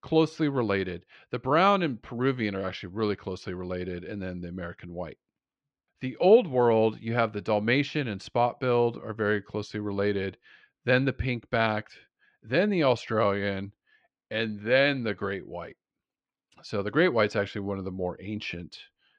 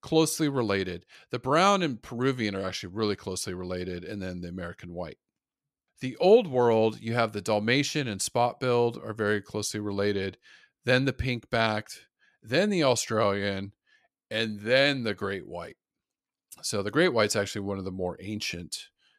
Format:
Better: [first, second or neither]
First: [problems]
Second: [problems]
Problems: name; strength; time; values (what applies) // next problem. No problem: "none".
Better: second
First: muffled; slightly; fading above 3 kHz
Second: none